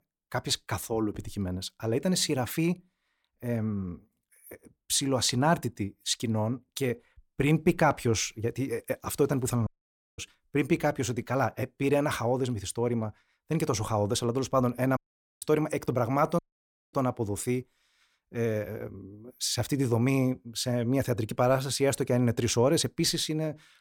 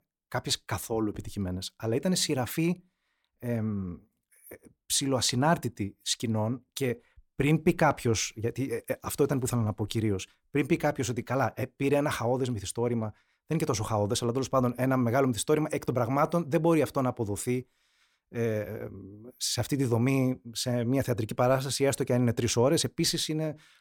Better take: second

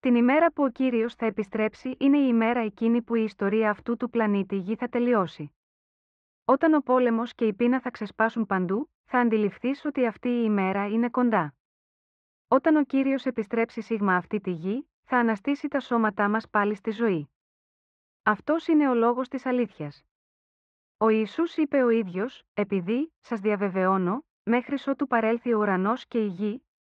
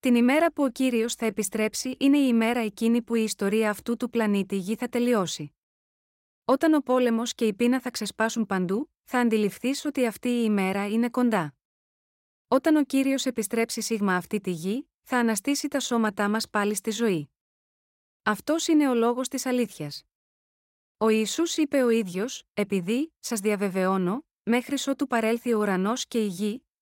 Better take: second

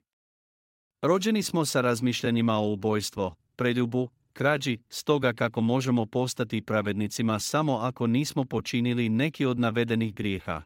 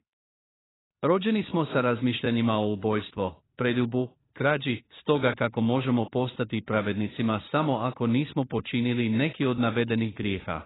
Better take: first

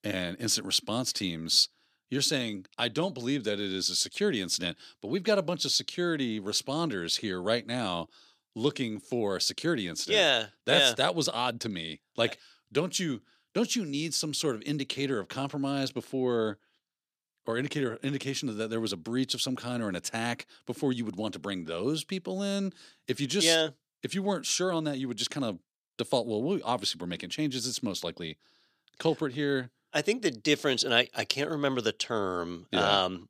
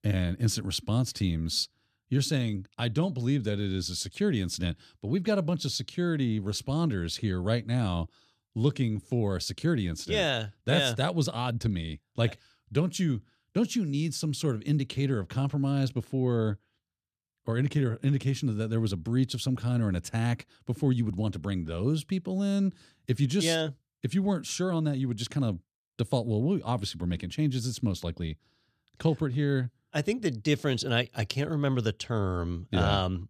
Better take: second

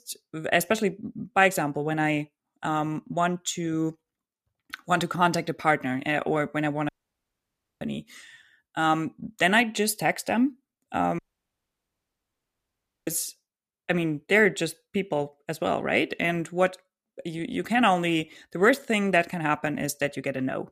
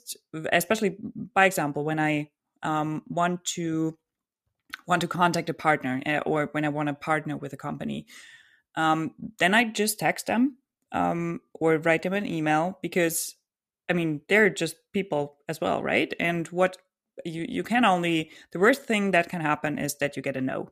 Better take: second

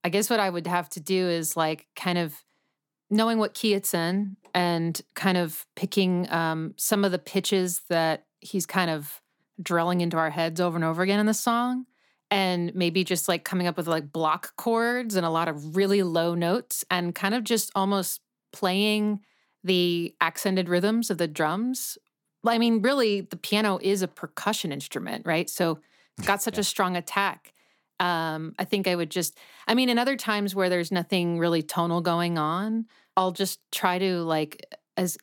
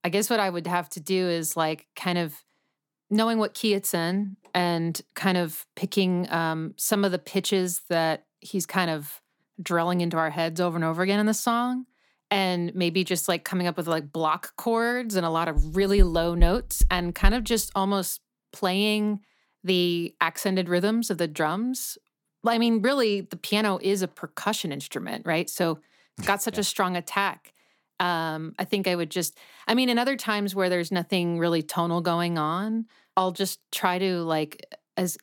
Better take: first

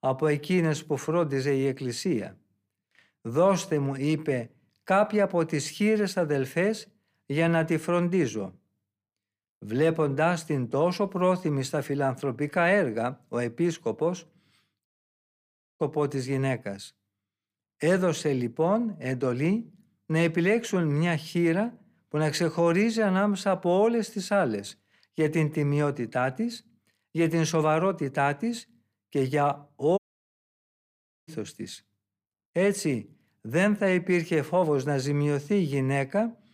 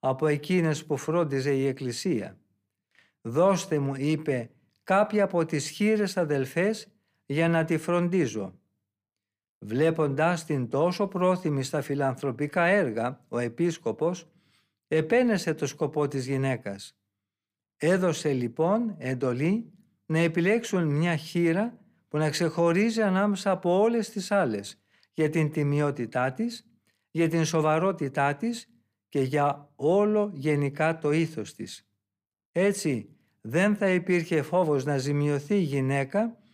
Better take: second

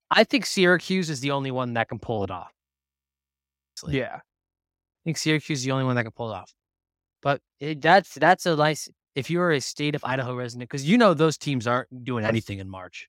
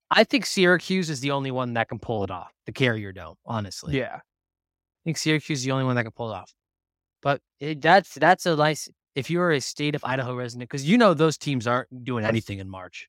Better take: second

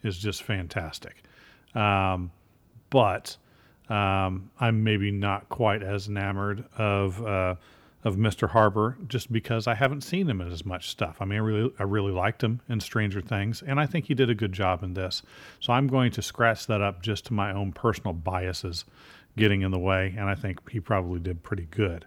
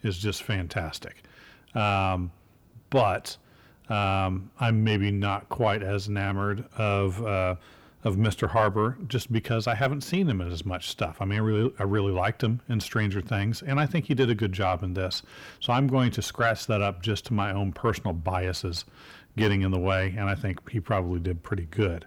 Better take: first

